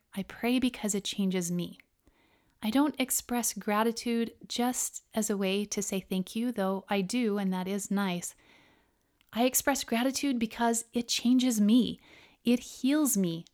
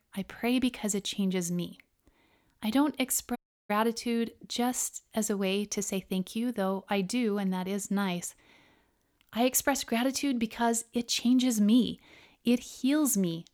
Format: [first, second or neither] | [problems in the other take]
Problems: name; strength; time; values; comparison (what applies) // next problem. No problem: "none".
first | audio cutting out; at 3.5 s